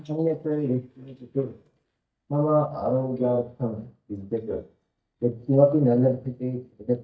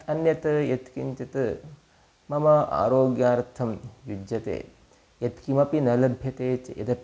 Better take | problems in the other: second | noise reduction (neural mask model DeepFilterNet 3)

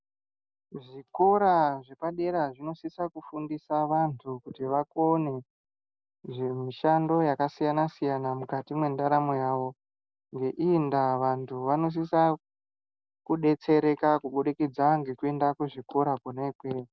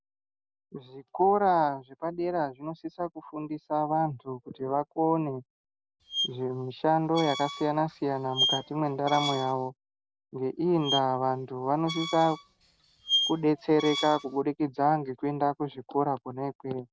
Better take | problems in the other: first | background sound (Squeak); 6 dB below the speech

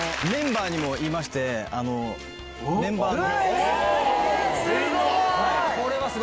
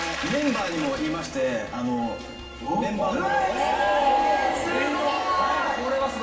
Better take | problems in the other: first | room echo; dies away in 2.2 s

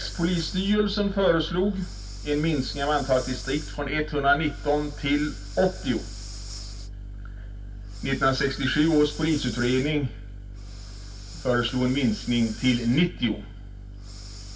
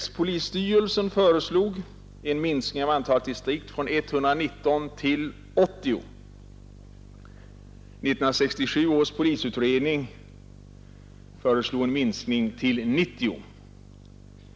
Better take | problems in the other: second | background sound (Breathing); 20 dB below the speech // room echo; dies away in 0.2 s

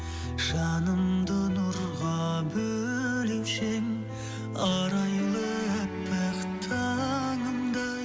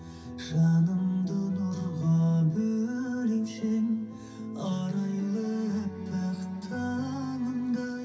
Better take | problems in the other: first | room echo; dies away in 0.3 s

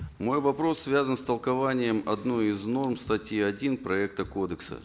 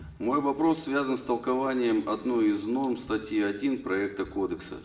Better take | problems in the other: first | room echo; dies away in 0.9 s

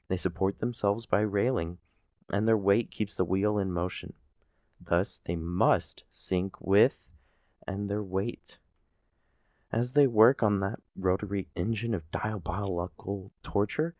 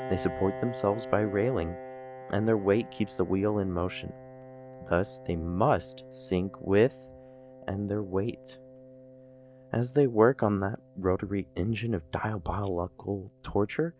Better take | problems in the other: first | background sound (Piano); 15 dB below the speech

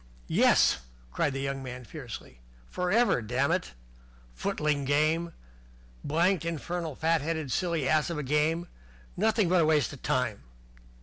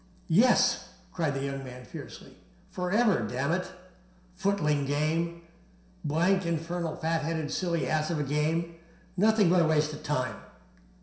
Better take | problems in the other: first | room echo; dies away in 0.7 s

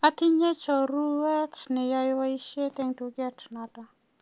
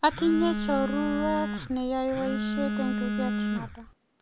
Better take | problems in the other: first | background sound (Telephone); 2 dB below the speech

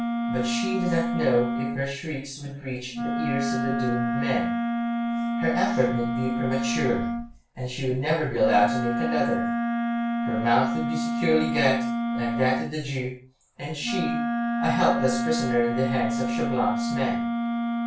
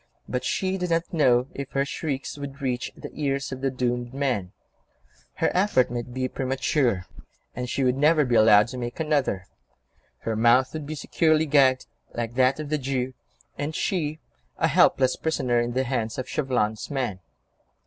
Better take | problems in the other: second | background sound (Wind instrument, woodwind instrument); 1 dB above the speech // room echo; dies away in 0.3 s

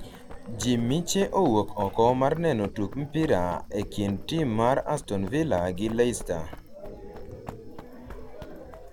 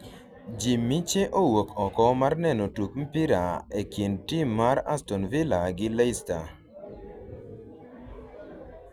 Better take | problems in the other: second | background sound (Run); 13 dB below the speech

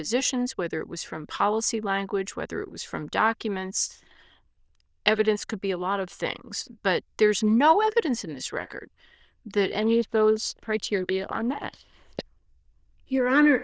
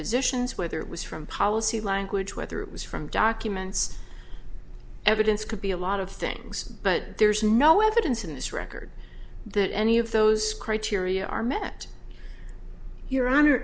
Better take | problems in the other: second | noise reduction (neural diffusion model UNIVERSE++)

